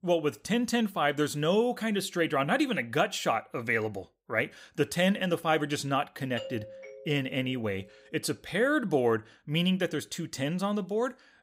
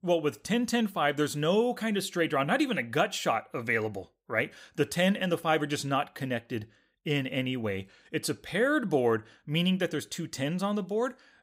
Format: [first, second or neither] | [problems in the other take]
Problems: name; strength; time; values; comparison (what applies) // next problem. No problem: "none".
second | doorbell; faint; from 6.5 to 8 s; peak 10 dB below the speech